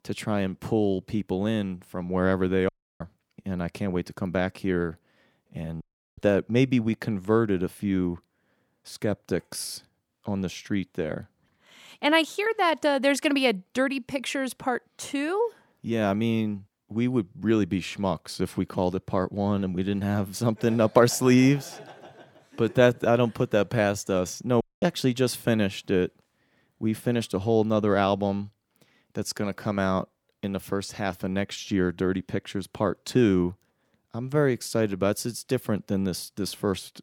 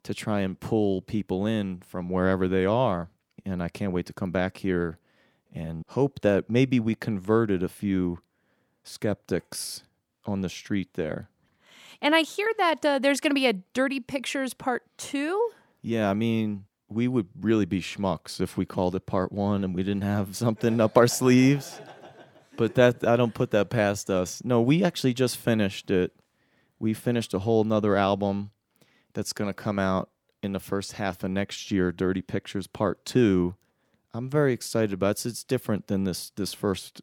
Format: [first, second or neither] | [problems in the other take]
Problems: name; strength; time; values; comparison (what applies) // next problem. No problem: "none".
second | audio cutting out; at 2.5 s, at 6 s and at 25 s